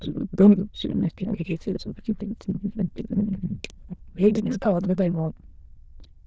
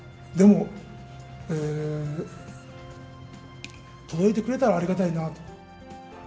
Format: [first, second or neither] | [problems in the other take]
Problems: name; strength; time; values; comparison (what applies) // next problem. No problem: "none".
second | noise reduction (neural diffusion model UNIVERSE++)